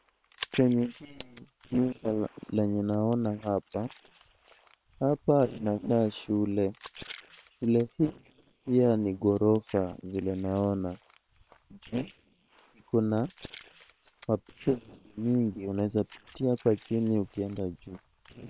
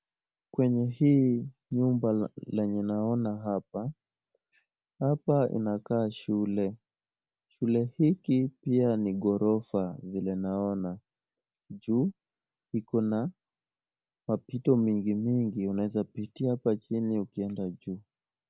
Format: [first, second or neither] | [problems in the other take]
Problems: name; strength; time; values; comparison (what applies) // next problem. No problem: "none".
second | noise reduction (neural separator model SepFormer WHAM!)